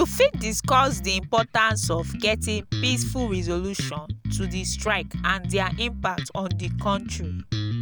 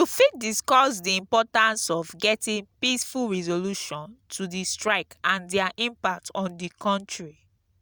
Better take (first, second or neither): second